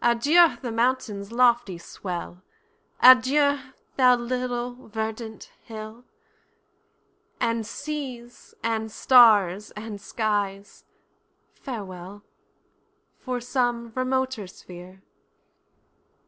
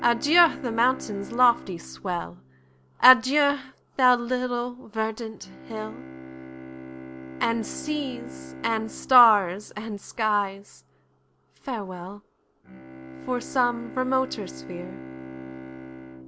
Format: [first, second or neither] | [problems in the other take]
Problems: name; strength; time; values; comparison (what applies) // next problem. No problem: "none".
first | background sound (Bowed string instrument); 15 dB below the speech